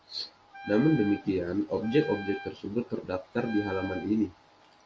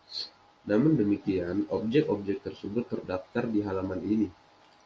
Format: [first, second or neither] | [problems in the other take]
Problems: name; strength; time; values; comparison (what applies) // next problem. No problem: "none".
second | background sound (Wind instrument, woodwind instrument); 14 dB below the speech